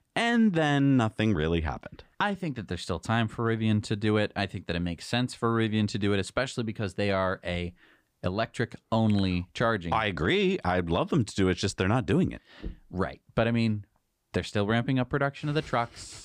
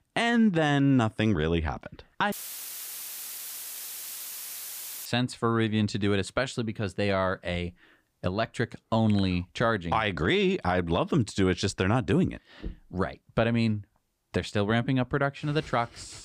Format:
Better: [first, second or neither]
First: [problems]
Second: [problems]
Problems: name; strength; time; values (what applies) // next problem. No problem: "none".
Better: first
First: none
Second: audio cutting out; filled with static; at 2.5 s for 2.5 s